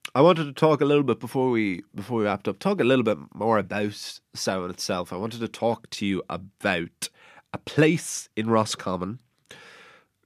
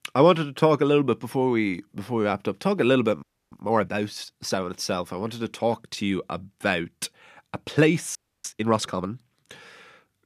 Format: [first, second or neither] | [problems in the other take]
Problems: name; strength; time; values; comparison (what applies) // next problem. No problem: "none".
first | audio freezing; at 3 s and at 8 s